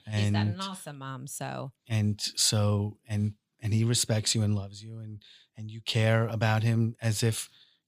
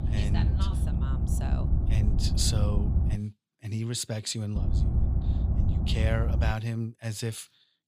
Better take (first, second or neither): first